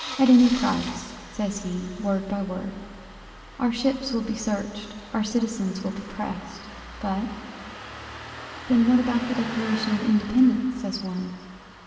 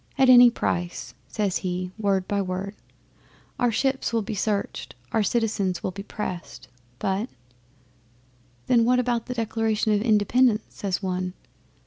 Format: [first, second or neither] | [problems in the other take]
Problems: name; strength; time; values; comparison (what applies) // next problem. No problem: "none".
second | background sound (Engine starting); 14 dB below the speech // room echo; dies away in 2 s